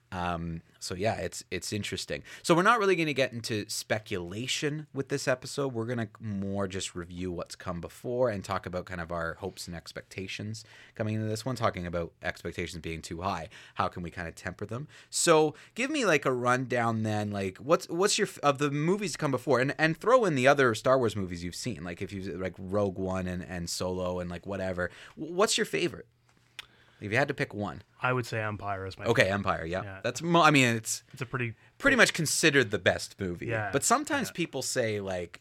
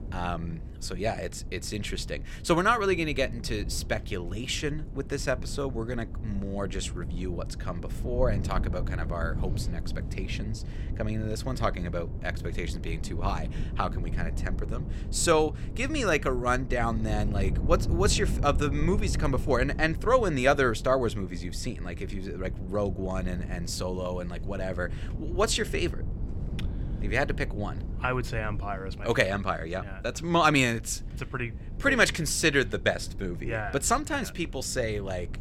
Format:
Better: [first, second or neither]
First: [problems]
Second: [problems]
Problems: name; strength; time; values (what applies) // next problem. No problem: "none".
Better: first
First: none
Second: low rumble; noticeable; throughout; 20 dB below the speech